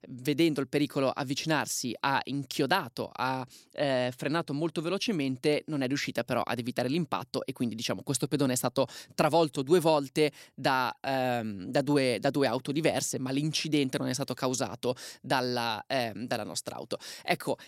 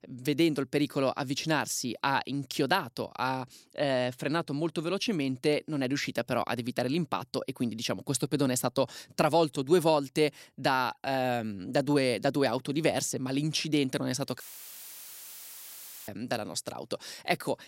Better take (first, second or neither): first